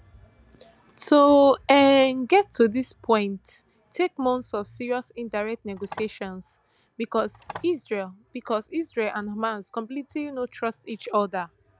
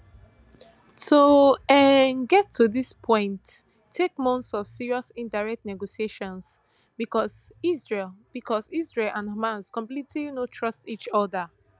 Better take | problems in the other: second | background sound (Telephone); 19 dB below the speech

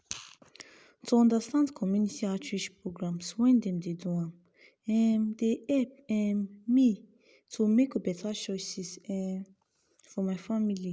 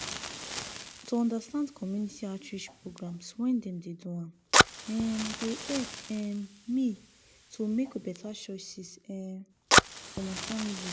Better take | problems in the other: first | background sound (Fire); 1 dB above the speech

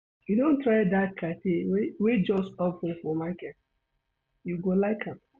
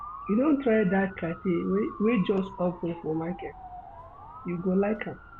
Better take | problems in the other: first | background sound (Motor vehicle (road) / Siren); 16 dB below the speech

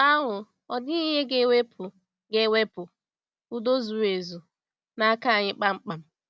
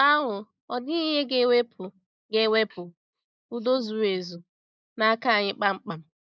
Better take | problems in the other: first | noise reduction (neural mask model Resemble Enhance denoiser)

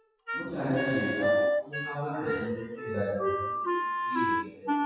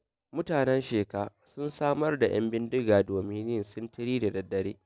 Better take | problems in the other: second | noise reduction (classical method WPE with log-MMSE)

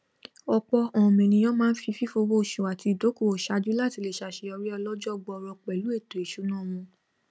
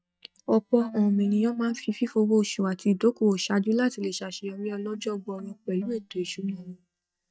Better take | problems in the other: first | noise reduction (neural mask model DeepFilterNet 3)

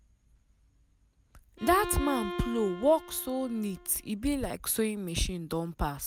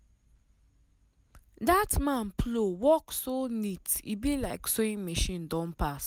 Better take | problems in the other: second | background sound (Bowed string instrument); 10 dB below the speech

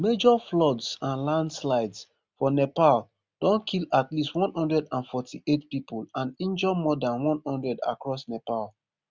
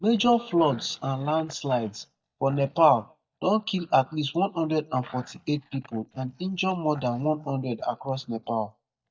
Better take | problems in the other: first | noise reduction (neural mask model DeepFilterNet 3)

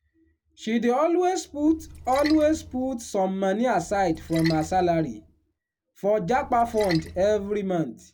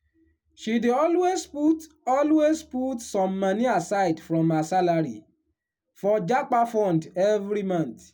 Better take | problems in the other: second | background sound (Splash, splatter); 17 dB below the speech

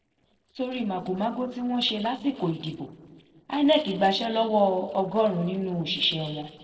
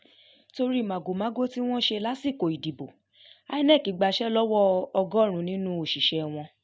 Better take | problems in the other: second | noise reduction (neural separator model SepFormer DNS4)

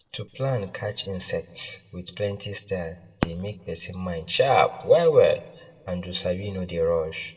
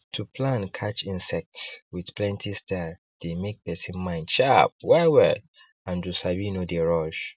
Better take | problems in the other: second | background sound (Fireworks); 17 dB below the speech // room echo; dies away in 0.7 s

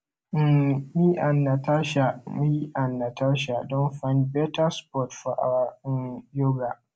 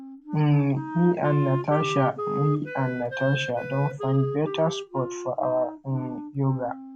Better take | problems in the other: first | background sound (Wind instrument, woodwind instrument); 7 dB below the speech

